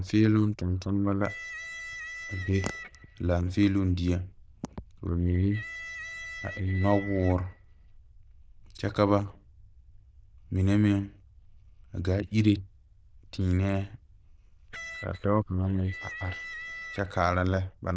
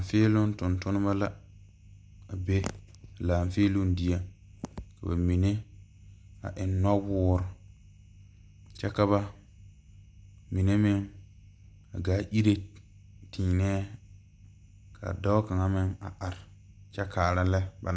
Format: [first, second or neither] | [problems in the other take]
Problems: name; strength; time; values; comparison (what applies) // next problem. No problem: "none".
second | noise reduction (neural diffusion model UNIVERSE++)